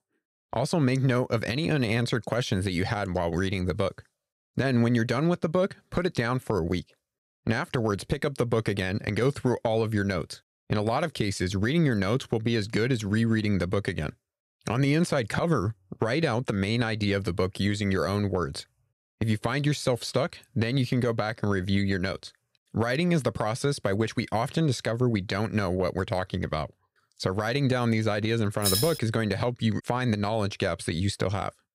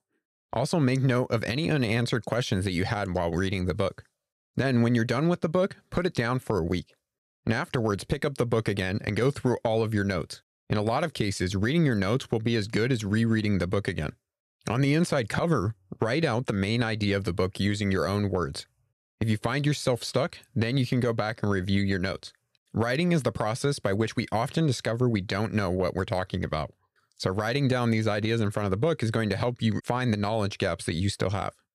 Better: second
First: jangling keys; loud; at 29 s; peak 2 dB above the speech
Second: none

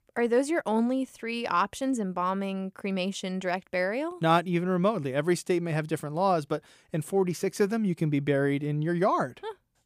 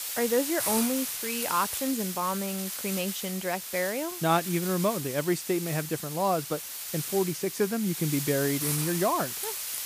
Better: first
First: none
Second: hiss; loud; throughout; 3 dB below the speech

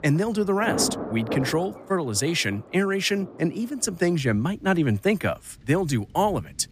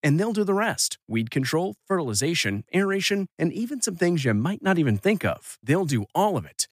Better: second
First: rain or running water; loud; throughout; 10 dB below the speech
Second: none

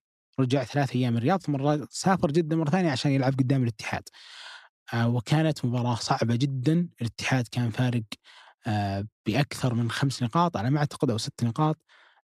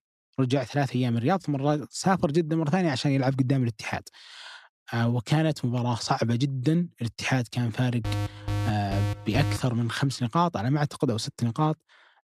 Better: first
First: none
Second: alarm; noticeable; from 8 to 9.5 s; peak 4 dB below the speech

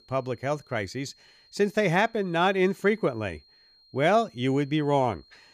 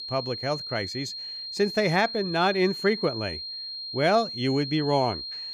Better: first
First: high-pitched whine; faint; throughout; 4 kHz, 30 dB below the speech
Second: high-pitched whine; loud; throughout; 4 kHz, 7 dB below the speech

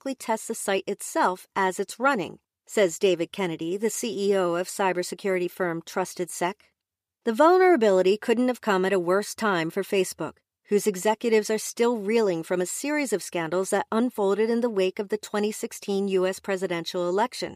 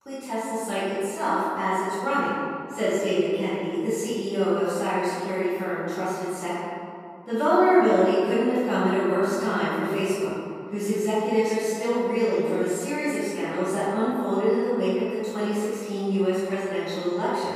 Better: first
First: none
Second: off-mic speech; far // room echo; strong; dies away in 2.2 s

